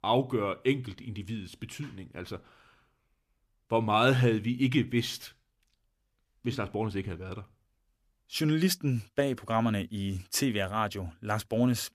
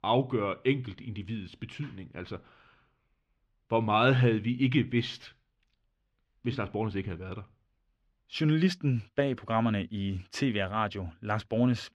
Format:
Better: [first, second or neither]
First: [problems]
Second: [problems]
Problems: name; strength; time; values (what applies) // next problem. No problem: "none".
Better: first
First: none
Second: muffled; very slightly; fading above 3 kHz